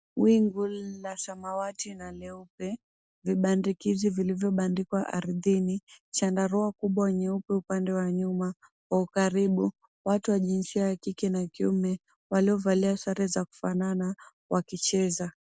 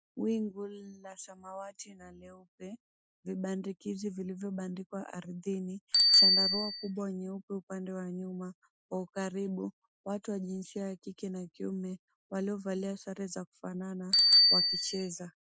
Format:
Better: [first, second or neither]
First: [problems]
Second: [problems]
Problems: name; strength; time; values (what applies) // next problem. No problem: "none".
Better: first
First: none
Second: noise reduction (classical method Wiener filter)